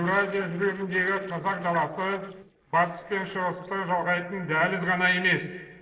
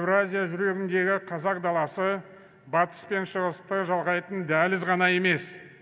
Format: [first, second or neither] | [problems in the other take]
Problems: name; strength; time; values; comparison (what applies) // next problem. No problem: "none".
second | noise reduction (neural separator model SepFormer DNS4)